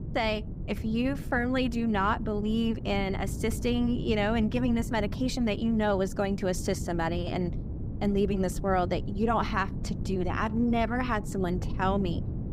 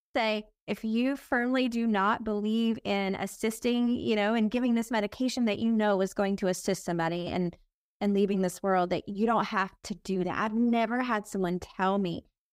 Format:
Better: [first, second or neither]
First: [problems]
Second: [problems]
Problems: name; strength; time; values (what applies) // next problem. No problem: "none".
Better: second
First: wind noise on the microphone; occasional gusts; 15 dB below the speech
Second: none